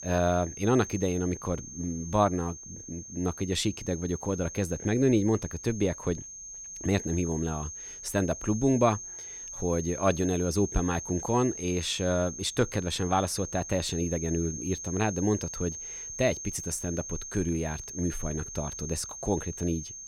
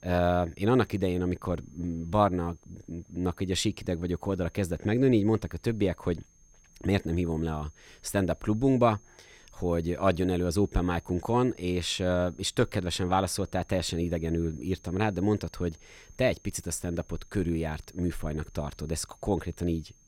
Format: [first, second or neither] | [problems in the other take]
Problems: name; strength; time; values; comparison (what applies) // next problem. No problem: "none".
second | high-pitched whine; loud; throughout; 6.5 kHz, 9 dB below the speech; faint in the second